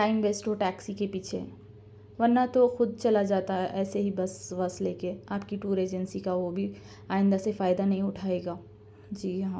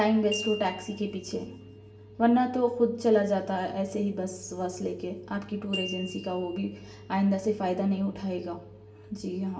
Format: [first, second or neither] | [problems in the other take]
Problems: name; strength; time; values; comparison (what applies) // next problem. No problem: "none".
first | background sound (Glockenspiel); 16 dB below the speech // room echo; dies away in 0.6 s